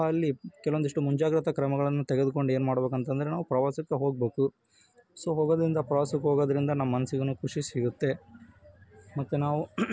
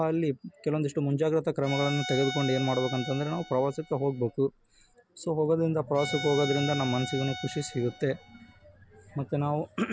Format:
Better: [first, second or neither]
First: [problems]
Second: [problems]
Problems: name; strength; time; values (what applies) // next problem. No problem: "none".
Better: first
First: none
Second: background sound (Bowed string instrument); 10 dB below the speech